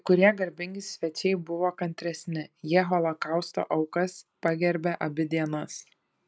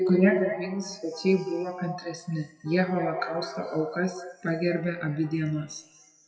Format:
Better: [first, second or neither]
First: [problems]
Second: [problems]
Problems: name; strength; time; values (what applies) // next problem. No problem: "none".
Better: first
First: none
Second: noise reduction (classical method WPE with log-MMSE)